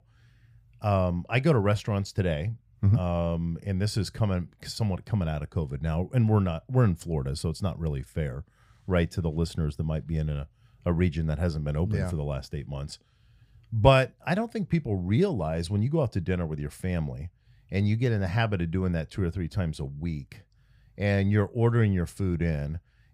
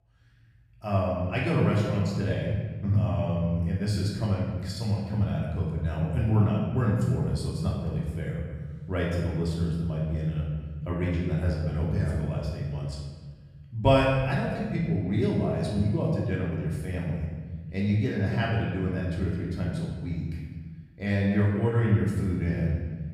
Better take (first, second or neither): first